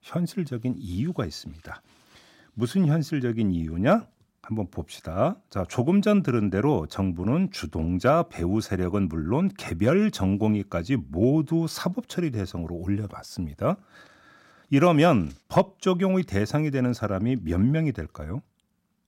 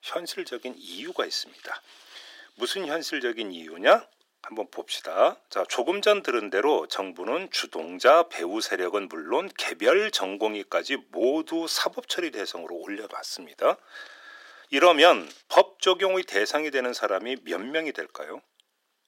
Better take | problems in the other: first | thin; very; fading below 400 Hz

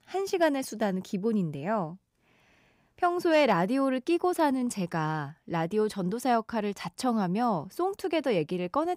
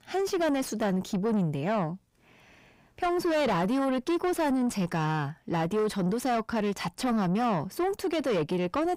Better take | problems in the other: first | distortion; heavy; 8 dB below the speech

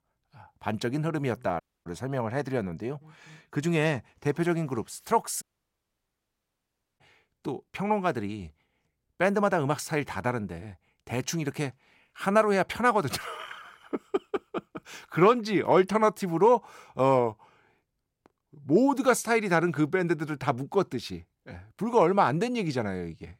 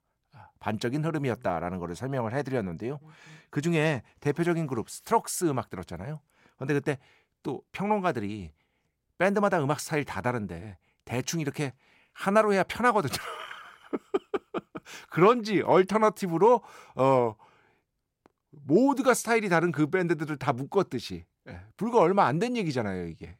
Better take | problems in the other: second | audio cutting out; at 1.5 s and at 5.5 s for 1.5 s

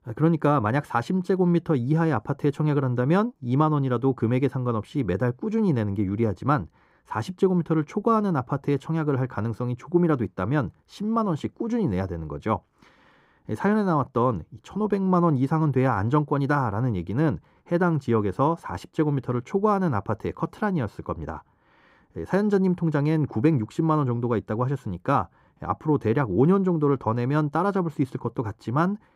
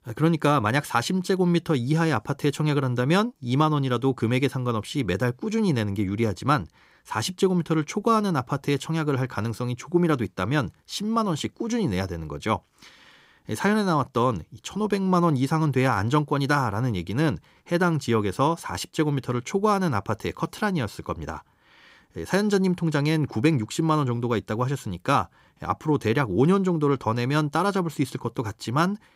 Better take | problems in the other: second | muffled; slightly; fading above 2 kHz

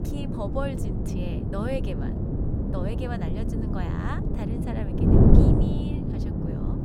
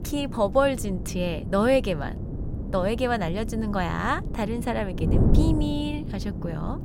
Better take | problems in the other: second | wind noise on the microphone; heavy; 4 dB above the speech; occasional gusts in the second

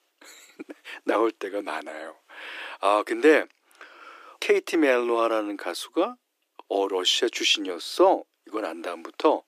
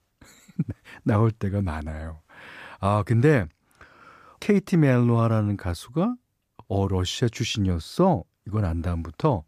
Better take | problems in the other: second | thin; very; fading below 300 Hz

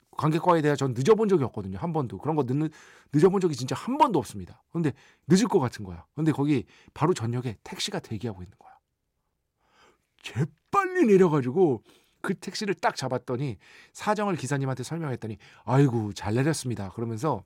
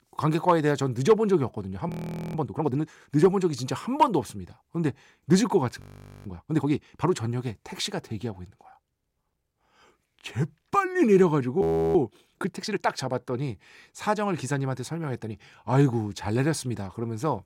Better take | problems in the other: first | audio freezing; at 2 s, at 6 s and at 12 s

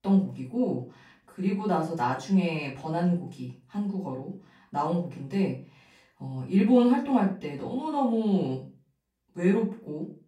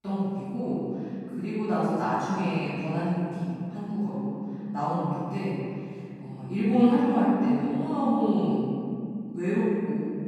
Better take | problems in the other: first | room echo; strong; dies away in 2.5 s; slight in the first // off-mic speech; far; far in the first

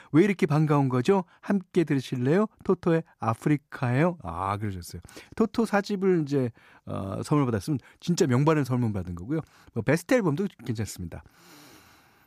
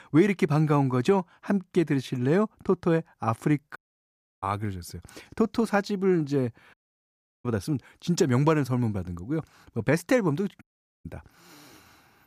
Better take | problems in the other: first | audio cutting out; at 4 s for 0.5 s, at 6.5 s for 0.5 s and at 11 s

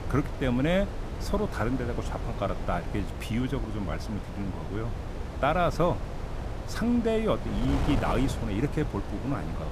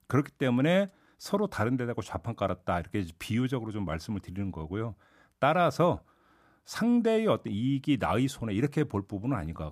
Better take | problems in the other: second | wind noise on the microphone; heavy; 9 dB below the speech

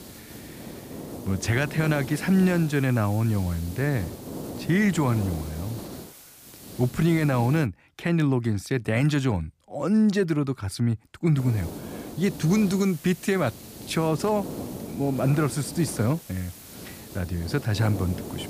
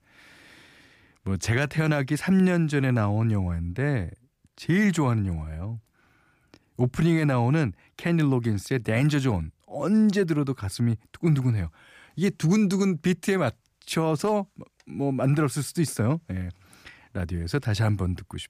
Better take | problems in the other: second | hiss; noticeable; until 7.5 s and from 11 s on; 15 dB below the speech

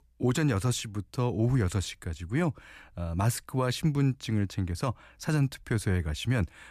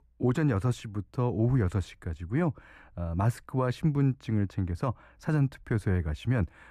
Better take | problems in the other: first | muffled; slightly; fading above 2.5 kHz

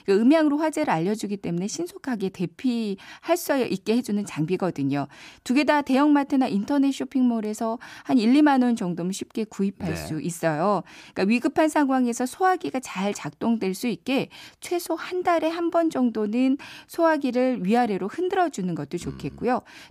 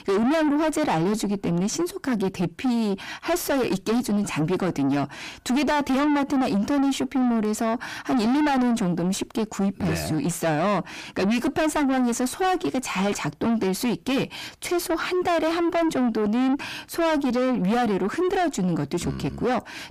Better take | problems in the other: first | distortion; heavy; 6 dB below the speech

